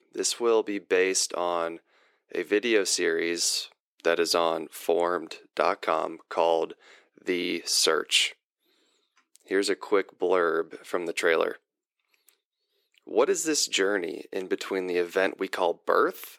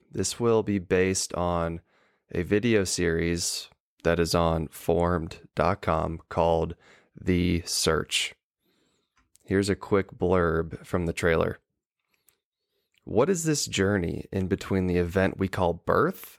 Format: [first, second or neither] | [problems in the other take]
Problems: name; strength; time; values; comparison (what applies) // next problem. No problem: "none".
second | thin; somewhat; fading below 350 Hz